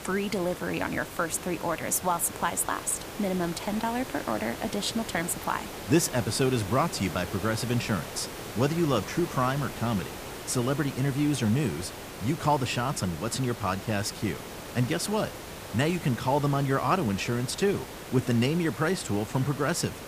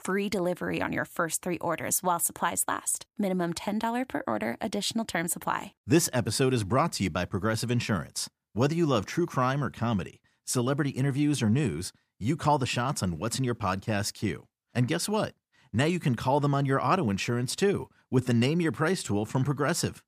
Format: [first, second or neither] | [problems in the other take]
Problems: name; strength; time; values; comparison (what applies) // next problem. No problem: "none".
second | hiss; noticeable; throughout; 10 dB below the speech